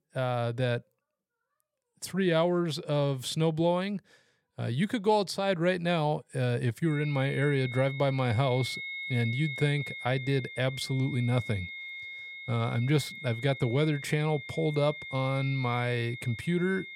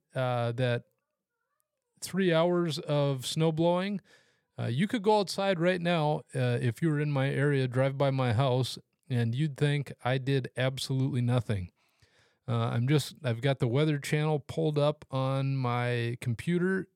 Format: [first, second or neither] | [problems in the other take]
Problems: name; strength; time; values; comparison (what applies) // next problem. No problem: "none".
second | high-pitched whine; loud; from 7 s on; 2 kHz, 9 dB below the speech